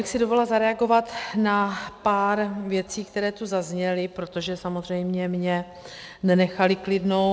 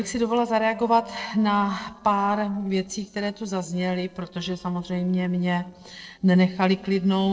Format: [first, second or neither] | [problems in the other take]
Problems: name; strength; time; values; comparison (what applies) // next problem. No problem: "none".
first | noise reduction (neural separator model SepFormer DNS4)